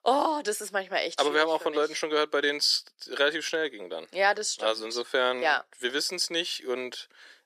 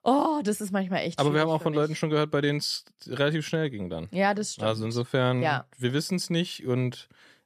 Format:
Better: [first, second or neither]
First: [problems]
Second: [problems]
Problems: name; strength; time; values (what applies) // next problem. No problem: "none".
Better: second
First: thin; very; fading below 350 Hz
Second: none